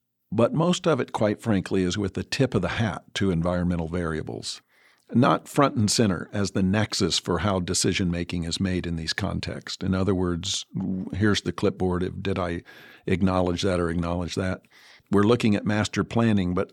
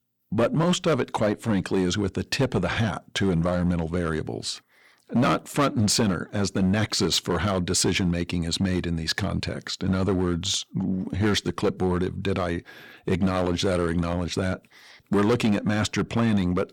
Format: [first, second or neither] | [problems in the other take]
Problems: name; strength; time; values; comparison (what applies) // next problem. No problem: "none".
first | distortion; slight; 6% of the sound clipped